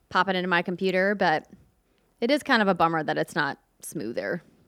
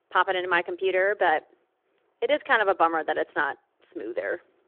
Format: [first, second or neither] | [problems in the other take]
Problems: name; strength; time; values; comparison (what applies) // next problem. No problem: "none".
first | phone-call audio